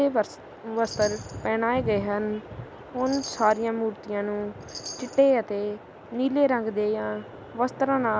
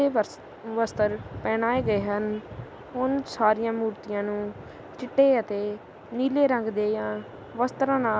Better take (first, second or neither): second